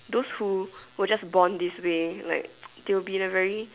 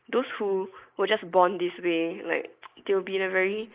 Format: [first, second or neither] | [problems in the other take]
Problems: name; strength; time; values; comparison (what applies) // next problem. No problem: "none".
first | noise reduction (neural mask model Resemble Enhance denoiser)